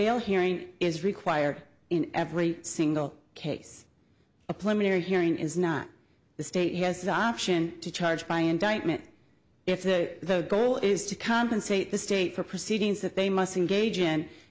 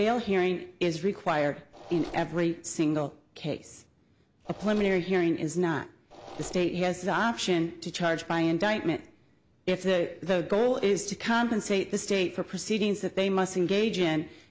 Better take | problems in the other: first | background sound (Mechanisms); 17 dB below the speech

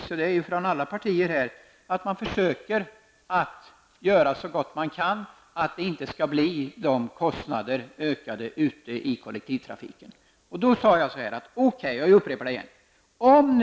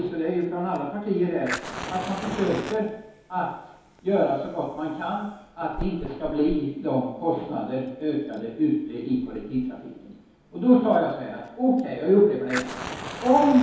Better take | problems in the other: first | background sound (Fire); 14 dB below the speech // room echo; dies away in 2.2 s

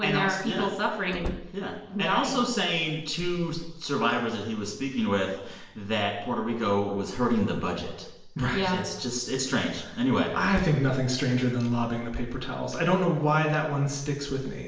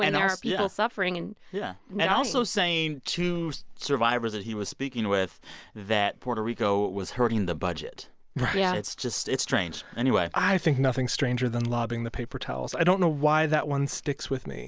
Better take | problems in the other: second | background sound (Slam); 12 dB below the speech // room echo; dies away in 0.9 s

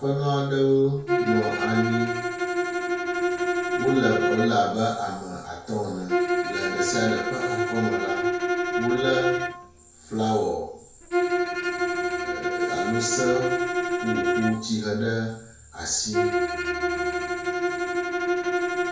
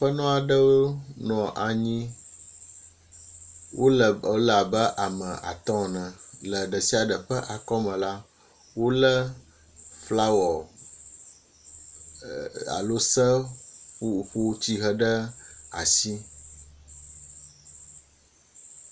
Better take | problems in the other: second | background sound (Bowed string instrument); 1 dB above the speech // room echo; dies away in 0.5 s

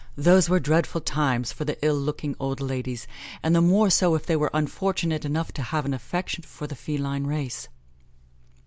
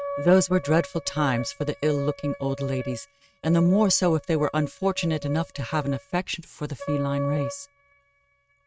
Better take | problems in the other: first | noise reduction (neural mask model RNNoise)

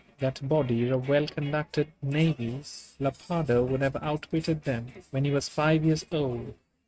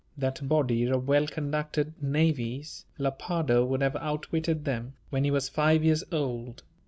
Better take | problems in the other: second | noise reduction (neural mask model RNNoise)

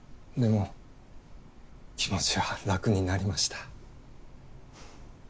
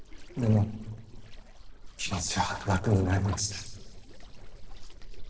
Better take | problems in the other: first | noise reduction (neural separator model SepFormer DNS4)

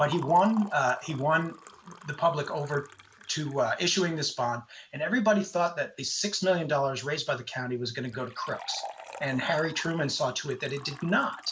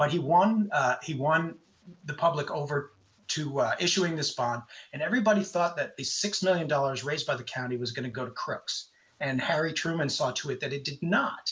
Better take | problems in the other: second | background sound (Liquid); 19 dB below the speech

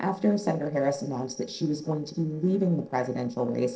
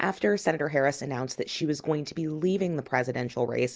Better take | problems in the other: second | noise reduction (neural separator model SepFormer DNS4)

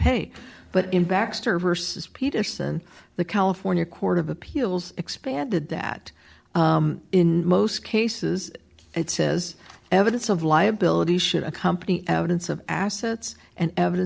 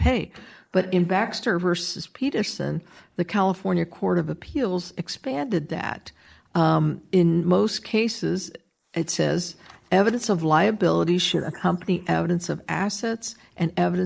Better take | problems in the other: first | noise reduction (neural mask model Resemble Enhance denoiser)

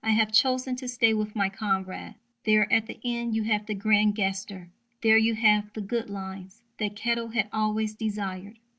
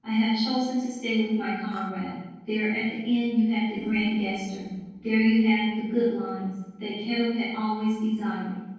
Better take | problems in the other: first | noise reduction (neural separator model SepFormer DNS4)

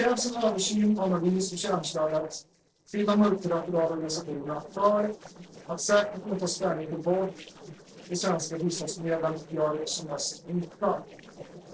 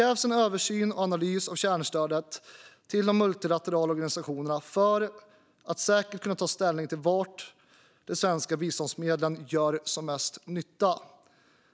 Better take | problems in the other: second | noise reduction (neural separator model SepFormer DNS4)

